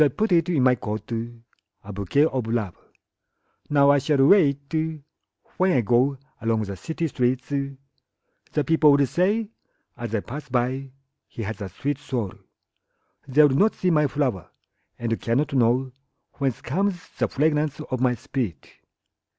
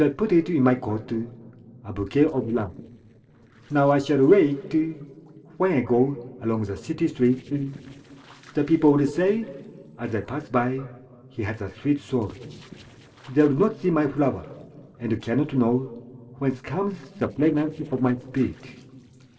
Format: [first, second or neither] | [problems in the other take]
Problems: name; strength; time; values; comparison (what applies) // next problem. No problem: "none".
first | noise reduction (neural separator model SepFormer DNS4)